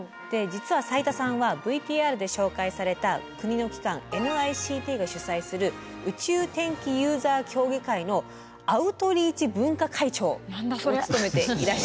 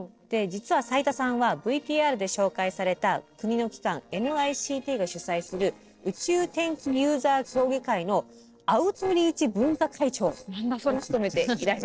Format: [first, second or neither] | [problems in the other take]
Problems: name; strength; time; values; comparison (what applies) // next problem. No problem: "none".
first | noise reduction (neural separator model SepFormer DNS4)